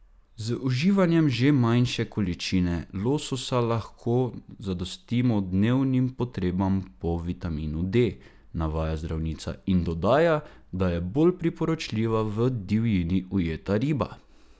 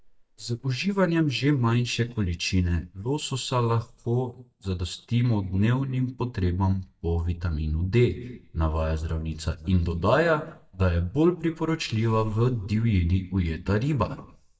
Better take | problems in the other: first | noise reduction (neural mask model DeepFilterNet 3)

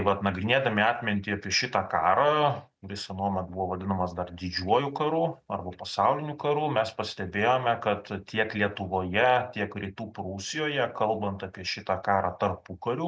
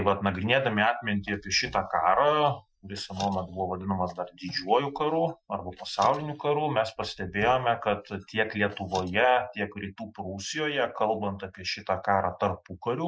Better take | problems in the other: first | noise reduction (classical method Wiener filter)

